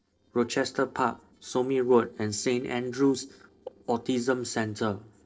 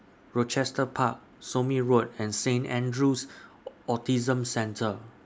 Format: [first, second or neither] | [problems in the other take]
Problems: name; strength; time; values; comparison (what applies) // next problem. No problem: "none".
second | noise reduction (neural separator model SepFormer DNS4)